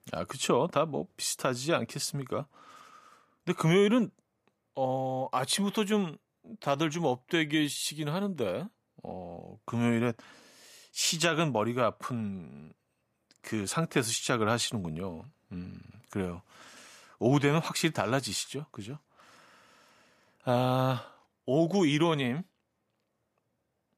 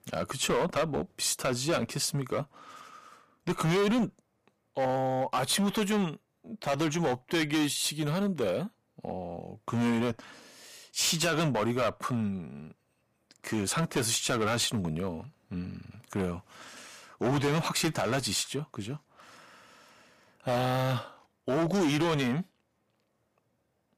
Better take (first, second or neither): first